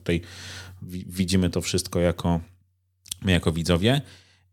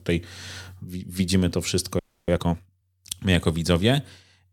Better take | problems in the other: first | audio freezing; at 2 s

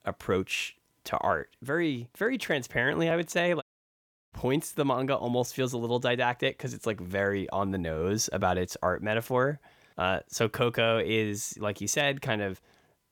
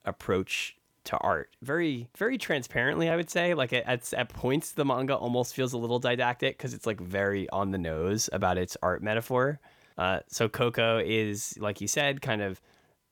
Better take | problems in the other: second | audio cutting out; at 3.5 s for 0.5 s

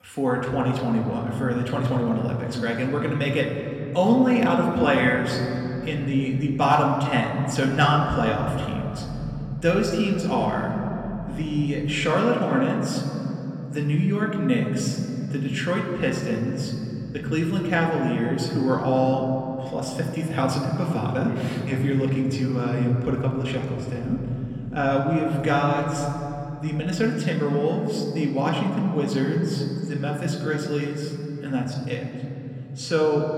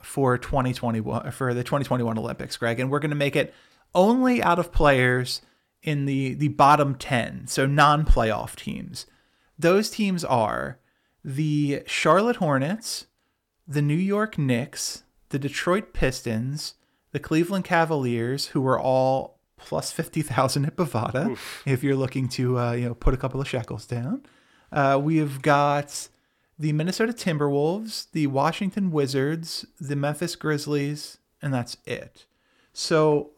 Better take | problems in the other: second | room echo; noticeable; dies away in 3 s // off-mic speech; somewhat distant

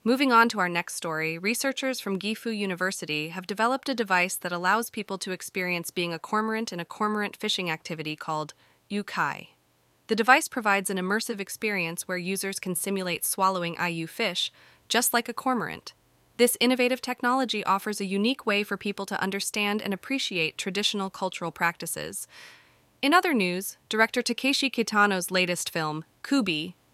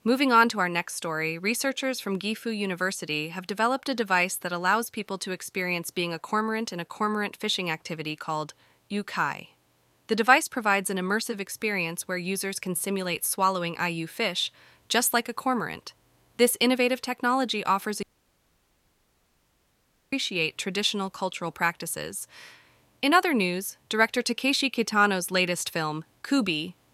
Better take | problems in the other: first | audio cutting out; at 18 s for 2 s

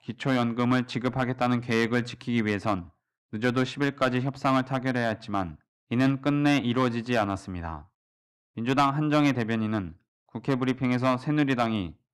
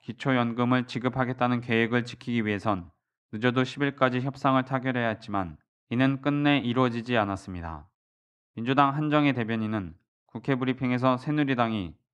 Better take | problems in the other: second | distortion; slight; 1.9% of the sound clipped

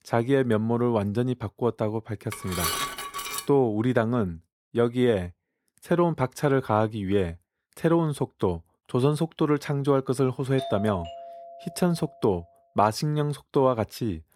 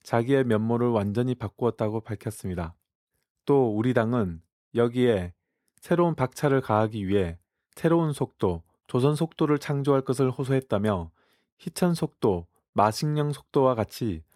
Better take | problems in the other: second | clattering dishes; noticeable; from 2.5 to 3.5 s; peak 1 dB below the speech // doorbell; noticeable; from 11 to 12 s; peak 10 dB below the speech

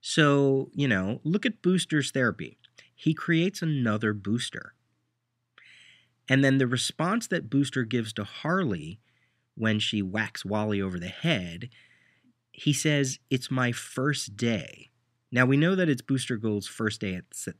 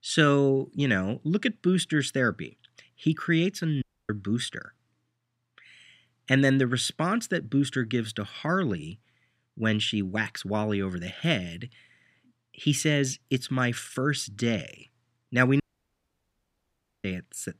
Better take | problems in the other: first | audio cutting out; at 4 s and at 16 s for 1.5 s

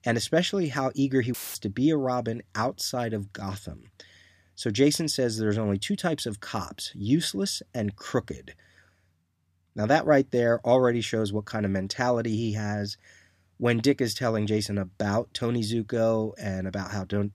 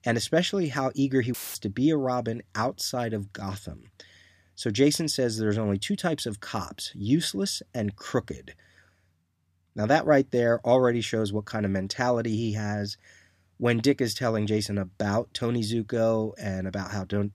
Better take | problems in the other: neither | audio cutting out; filled with static; at 1.5 s; the same in both

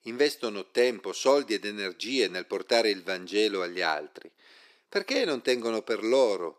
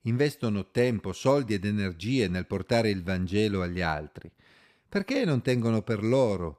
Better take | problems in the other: second | thin; somewhat; fading below 350 Hz

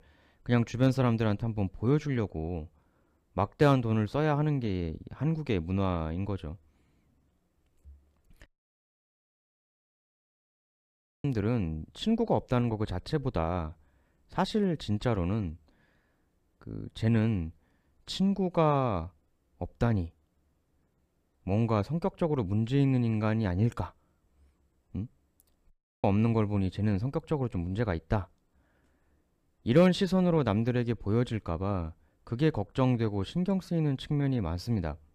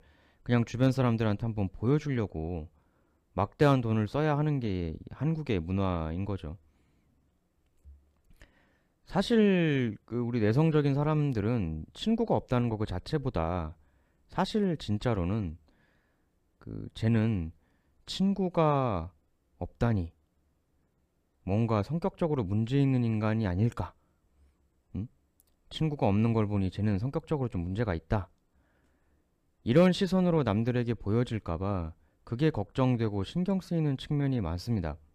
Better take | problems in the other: second | audio cutting out; at 8.5 s for 3 s and at 26 s

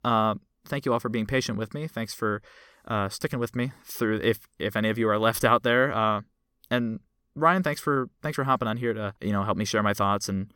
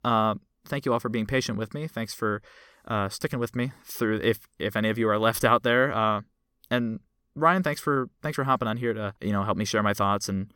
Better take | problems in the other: neither | none

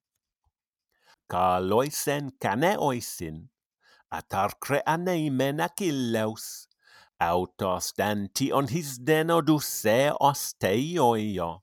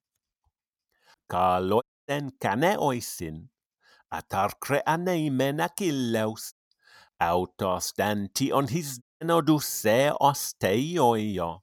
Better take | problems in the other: first | audio cutting out; at 2 s, at 6.5 s and at 9 s

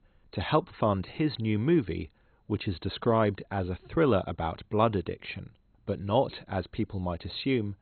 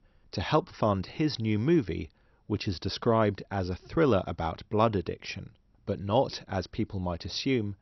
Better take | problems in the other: second | garbled, watery; badly; nothing above 4 kHz; slightly in the second

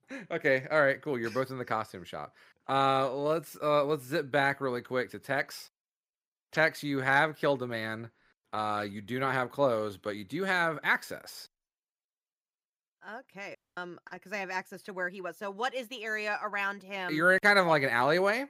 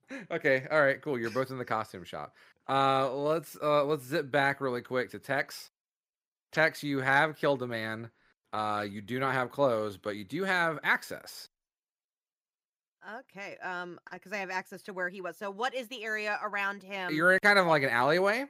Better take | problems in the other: second | audio cutting out; at 14 s

